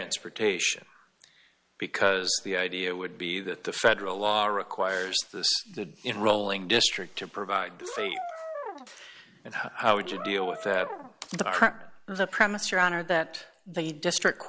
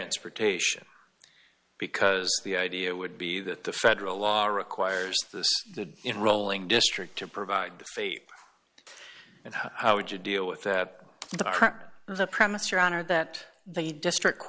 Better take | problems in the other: second | background sound (Brass instrument); 9 dB below the speech

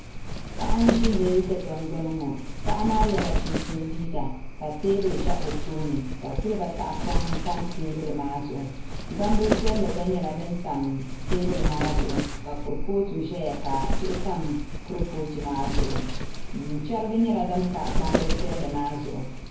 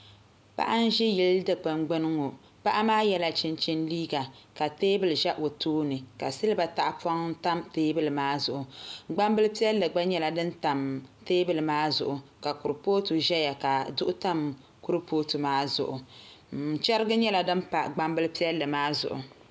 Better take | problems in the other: second | background sound (Wind); 1 dB above the speech // room echo; dies away in 0.9 s

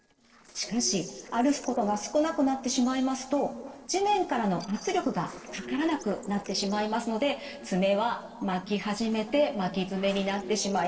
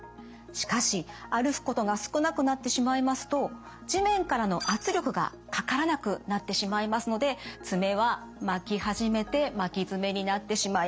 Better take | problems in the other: second | noise reduction (neural separator model SepFormer DNS4)

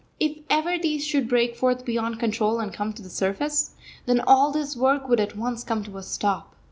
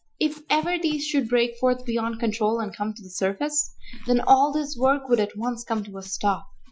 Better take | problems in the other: first | noise reduction (classical method Wiener filter)

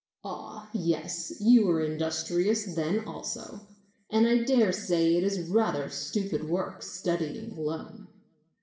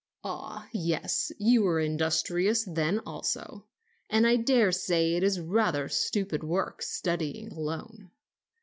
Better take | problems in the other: second | room echo; dies away in 0.8 s

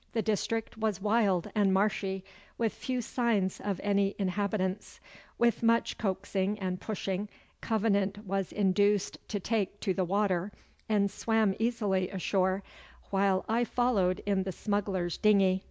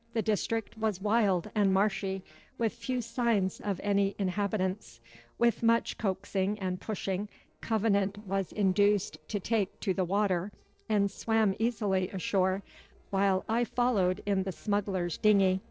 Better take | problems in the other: first | noise reduction (neural separator model SepFormer DNS4)

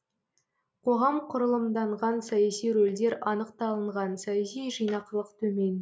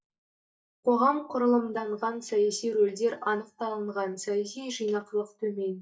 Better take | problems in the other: first | noise reduction (neural mask model DeepFilterNet 3)

